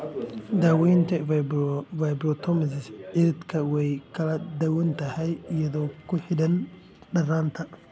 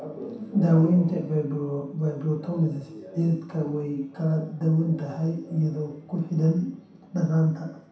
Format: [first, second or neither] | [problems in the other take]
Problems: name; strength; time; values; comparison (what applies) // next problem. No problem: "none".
first | room echo; dies away in 0.7 s